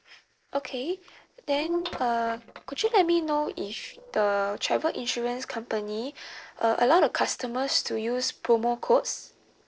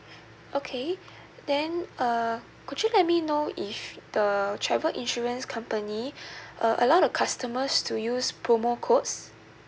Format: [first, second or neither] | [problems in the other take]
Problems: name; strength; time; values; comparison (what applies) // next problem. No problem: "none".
second | noise reduction (neural separator model SepFormer DNS4)